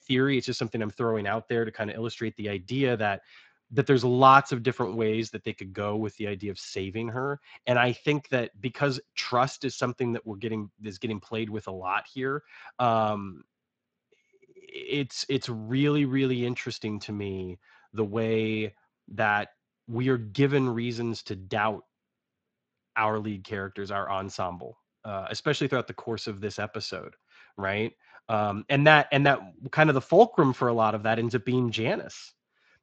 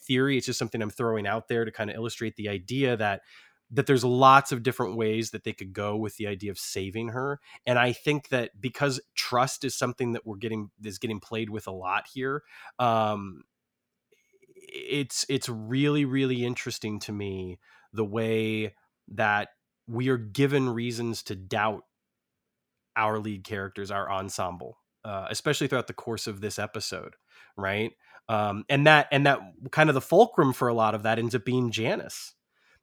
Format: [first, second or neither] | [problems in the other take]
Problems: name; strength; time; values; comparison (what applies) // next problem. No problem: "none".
second | garbled, watery; slightly; nothing above 7.5 kHz